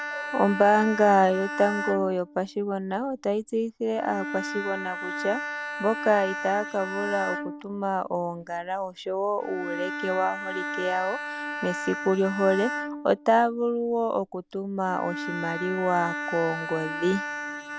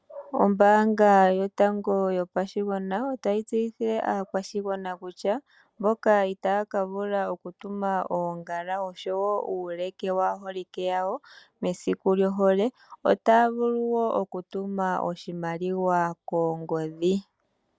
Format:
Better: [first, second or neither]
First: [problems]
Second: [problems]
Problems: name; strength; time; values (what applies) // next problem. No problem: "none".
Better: second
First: background sound (Bowed string instrument); 8 dB below the speech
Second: none